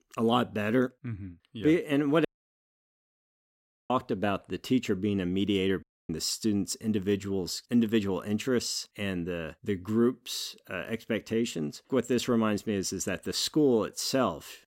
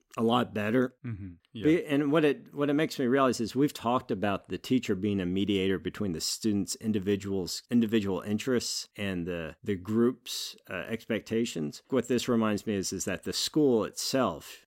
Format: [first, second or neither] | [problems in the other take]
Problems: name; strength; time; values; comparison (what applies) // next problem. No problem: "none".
second | audio cutting out; at 2.5 s for 1.5 s and at 6 s